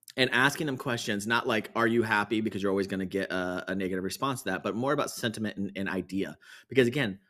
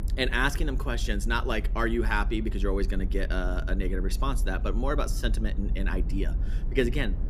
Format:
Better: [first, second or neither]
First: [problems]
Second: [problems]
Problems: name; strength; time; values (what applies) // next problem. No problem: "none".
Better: first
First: none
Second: low rumble; noticeable; throughout; 20 dB below the speech